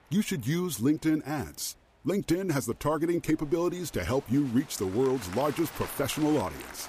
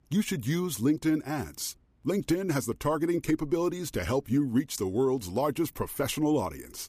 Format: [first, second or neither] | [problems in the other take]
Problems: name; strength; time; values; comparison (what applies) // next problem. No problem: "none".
second | crowd noise; noticeable; throughout; 15 dB below the speech